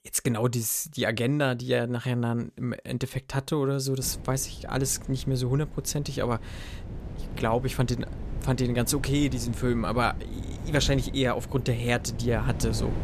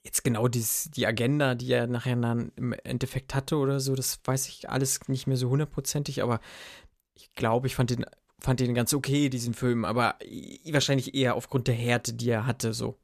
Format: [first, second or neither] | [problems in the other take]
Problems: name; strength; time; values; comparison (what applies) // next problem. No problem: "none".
second | wind noise on the microphone; occasional gusts; from 4 s on; 15 dB below the speech